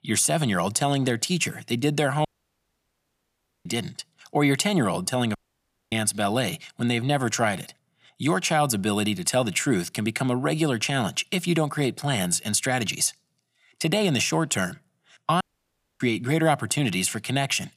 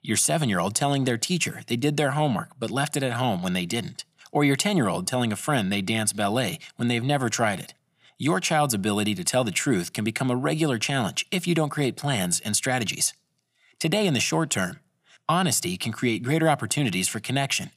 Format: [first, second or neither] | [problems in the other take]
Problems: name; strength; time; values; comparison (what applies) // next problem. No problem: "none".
second | audio cutting out; at 2.5 s for 1.5 s, at 5.5 s for 0.5 s and at 15 s for 0.5 s